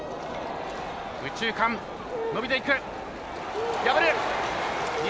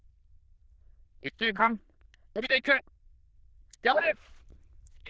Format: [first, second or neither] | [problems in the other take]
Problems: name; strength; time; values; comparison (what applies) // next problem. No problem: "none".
first | noise reduction (neural diffusion model UNIVERSE++)